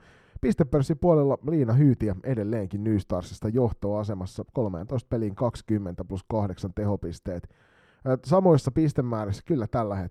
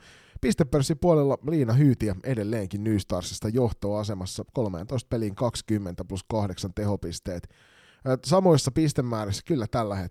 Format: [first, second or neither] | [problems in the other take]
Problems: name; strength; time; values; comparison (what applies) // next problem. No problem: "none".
second | muffled; slightly; fading above 2 kHz